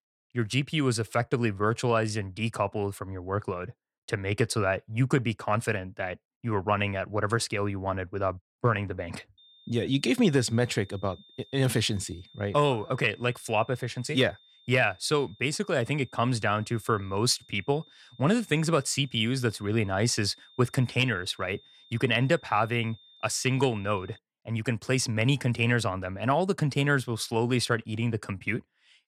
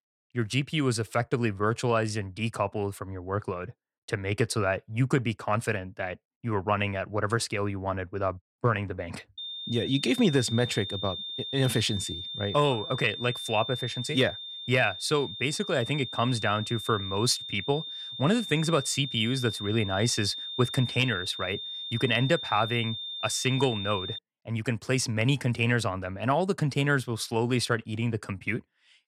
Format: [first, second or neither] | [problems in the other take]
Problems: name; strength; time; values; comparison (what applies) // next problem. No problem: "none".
first | high-pitched whine; loud; from 9.5 to 24 s; 3.5 kHz, 7 dB below the speech; faint in the first